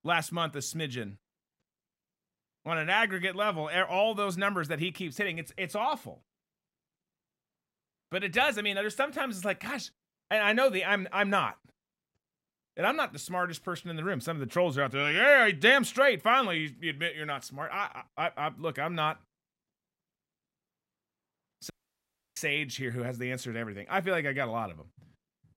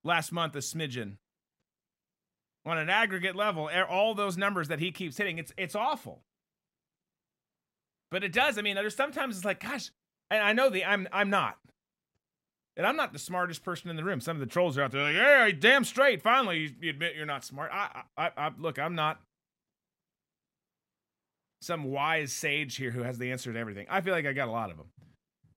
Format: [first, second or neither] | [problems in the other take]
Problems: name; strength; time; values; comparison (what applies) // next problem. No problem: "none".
second | audio cutting out; at 22 s for 0.5 s